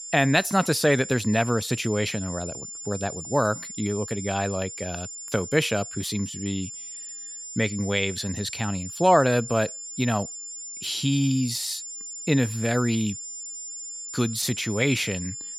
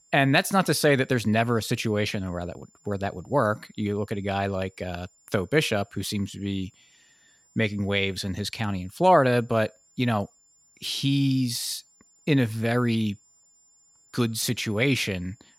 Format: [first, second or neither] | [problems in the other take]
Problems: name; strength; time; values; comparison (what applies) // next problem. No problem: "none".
second | high-pitched whine; loud; throughout; 7 kHz, 9 dB below the speech; faint in the second